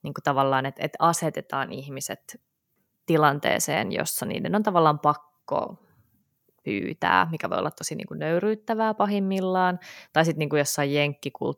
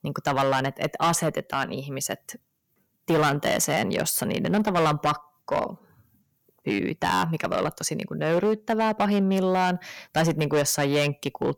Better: first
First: none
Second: distortion; heavy; 7% of the sound clipped

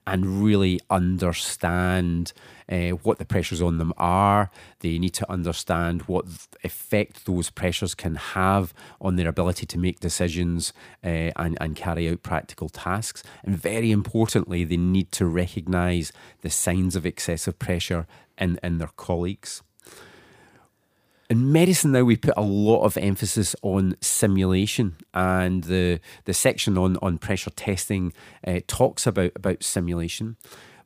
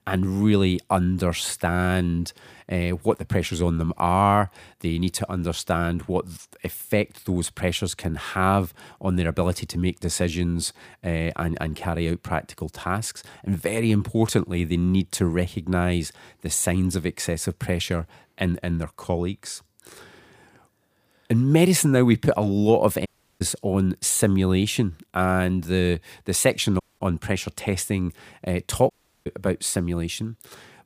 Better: first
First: none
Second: audio cutting out; at 23 s, at 27 s and at 29 s

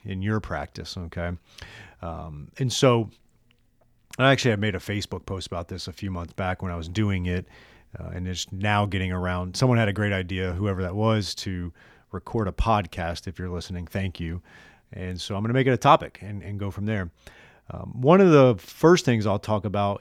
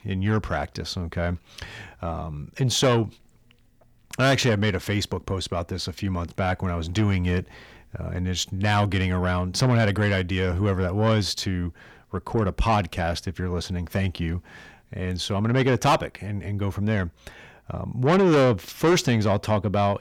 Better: first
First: none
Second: distortion; heavy; 7 dB below the speech

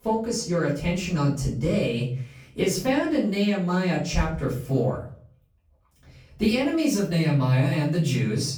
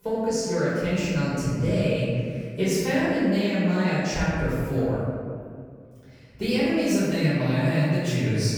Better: first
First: room echo; slight; dies away in 0.4 s // off-mic speech; far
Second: room echo; strong; dies away in 2 s // off-mic speech; far

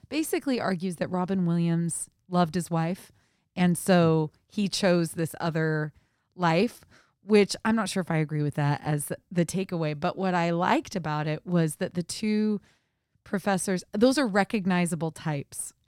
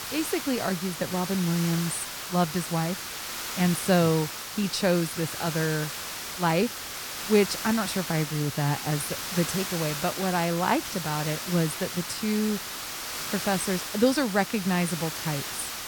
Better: first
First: none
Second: hiss; loud; throughout; 5 dB below the speech

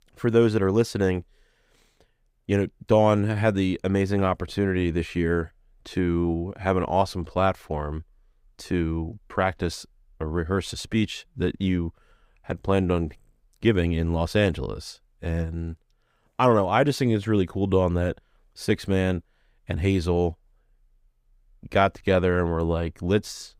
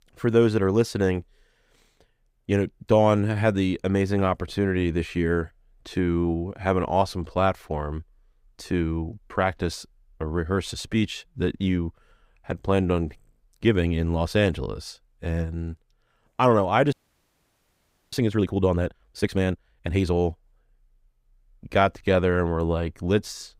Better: first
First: none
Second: audio freezing; at 17 s for 1 s

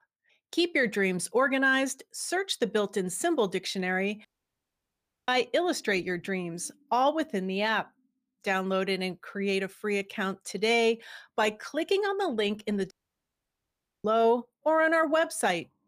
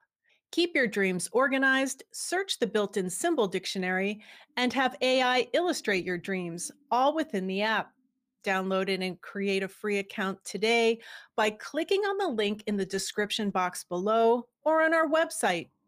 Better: second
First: audio cutting out; at 4.5 s for 1 s and at 13 s for 1 s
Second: none

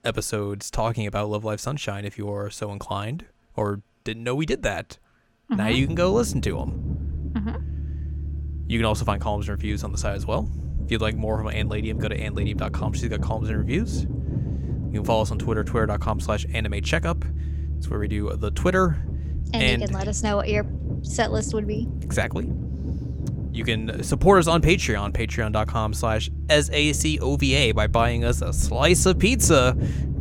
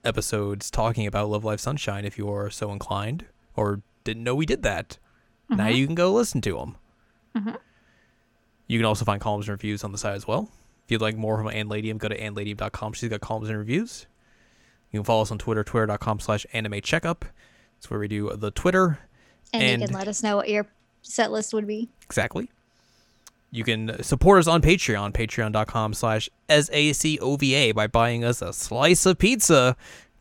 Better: second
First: low rumble; noticeable; from 5.5 s on; 15 dB below the speech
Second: none

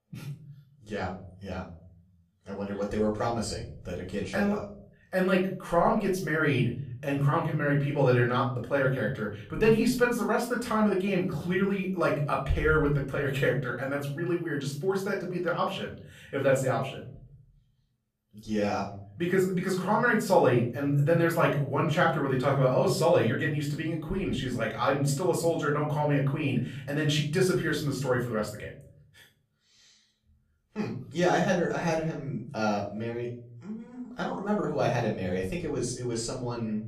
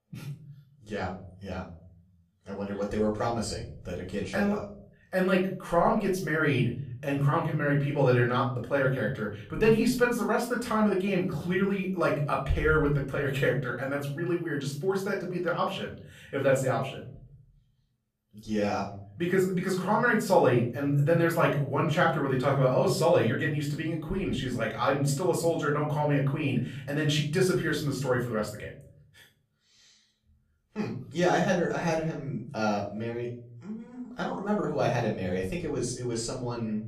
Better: neither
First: off-mic speech; far // room echo; slight; dies away in 0.7 s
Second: off-mic speech; far // room echo; slight; dies away in 0.7 s

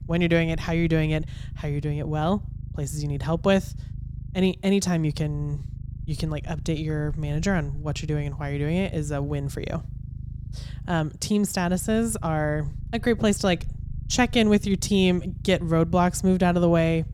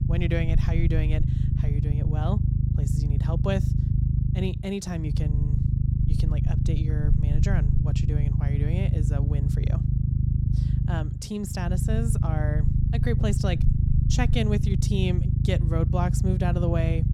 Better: first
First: low rumble; faint; throughout; 25 dB below the speech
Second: low rumble; loud; throughout; 3 dB below the speech

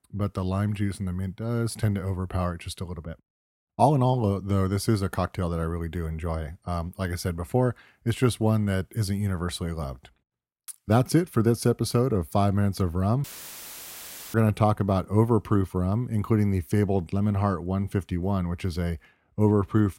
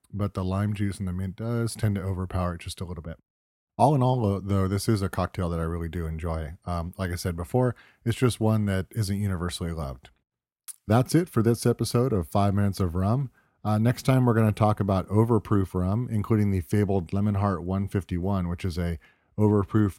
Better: second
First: audio cutting out; filled with static; at 13 s for 1 s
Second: none

